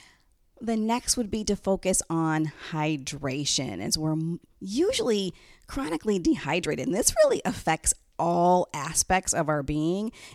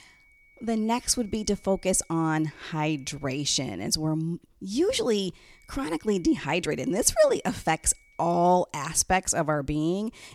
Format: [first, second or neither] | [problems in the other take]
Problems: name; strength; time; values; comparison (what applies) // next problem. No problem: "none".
first | high-pitched whine; faint; until 3.5 s and from 5.5 to 8.5 s; 2.5 kHz, 30 dB below the speech